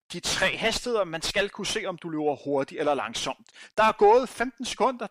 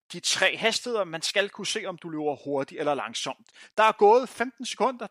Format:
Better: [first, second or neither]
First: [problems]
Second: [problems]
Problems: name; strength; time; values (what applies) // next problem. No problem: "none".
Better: second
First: distortion; slight; 9 dB below the speech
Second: none